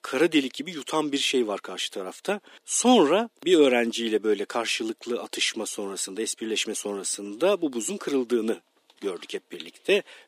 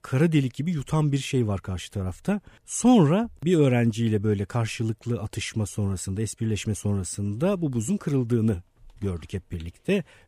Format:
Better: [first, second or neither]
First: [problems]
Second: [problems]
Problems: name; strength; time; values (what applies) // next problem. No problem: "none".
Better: second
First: thin; somewhat; fading below 300 Hz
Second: none